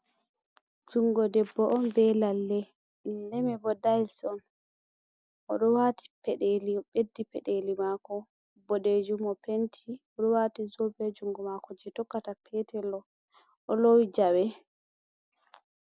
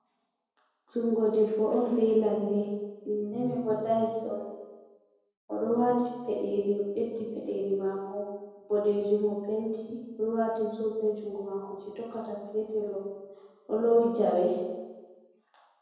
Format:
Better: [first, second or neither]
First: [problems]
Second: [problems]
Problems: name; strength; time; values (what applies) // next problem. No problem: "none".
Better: first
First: none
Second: room echo; dies away in 1.2 s